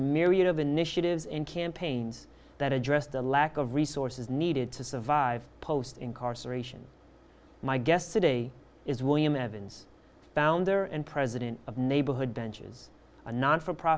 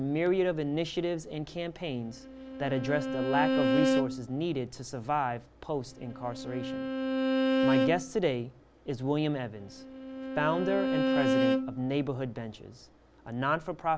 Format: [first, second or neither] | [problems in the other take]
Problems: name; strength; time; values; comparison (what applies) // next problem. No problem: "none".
first | background sound (Bowed string instrument); 1 dB above the speech